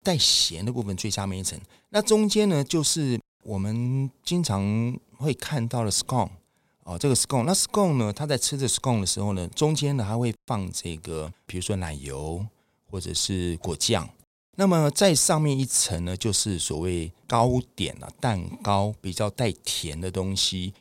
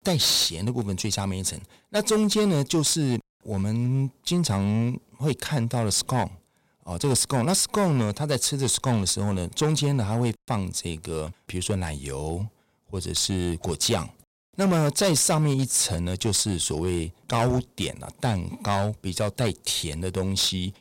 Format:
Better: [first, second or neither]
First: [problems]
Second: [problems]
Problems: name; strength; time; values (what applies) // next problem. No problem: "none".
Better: first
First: none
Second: distortion; slight; 7% of the sound clipped